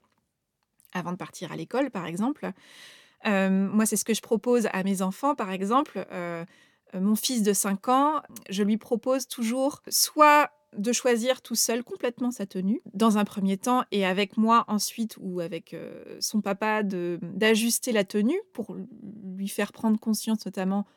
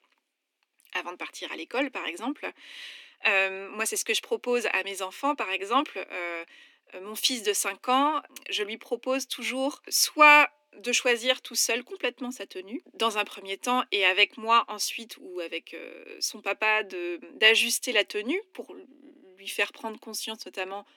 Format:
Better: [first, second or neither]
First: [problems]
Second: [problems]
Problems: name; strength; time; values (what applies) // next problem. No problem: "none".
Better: first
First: none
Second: thin; somewhat; fading below 250 Hz